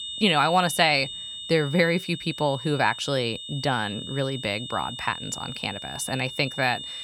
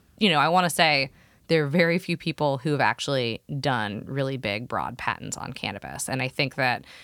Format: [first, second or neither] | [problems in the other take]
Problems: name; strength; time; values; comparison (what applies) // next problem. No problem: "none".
second | high-pitched whine; loud; throughout; 3.5 kHz, 9 dB below the speech